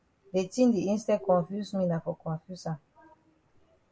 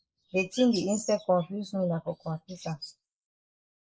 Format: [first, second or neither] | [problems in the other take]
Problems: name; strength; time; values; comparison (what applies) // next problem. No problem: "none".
first | noise reduction (neural mask model Resemble Enhance denoiser)